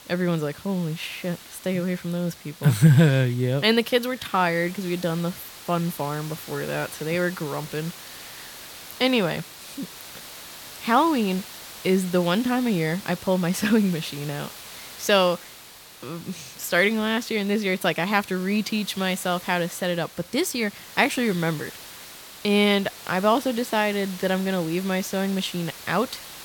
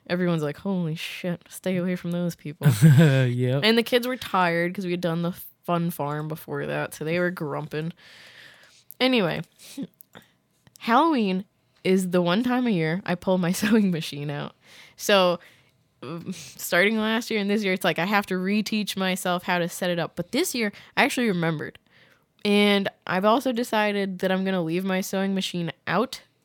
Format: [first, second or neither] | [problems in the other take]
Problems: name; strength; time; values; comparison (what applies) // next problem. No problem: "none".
second | hiss; noticeable; throughout; 15 dB below the speech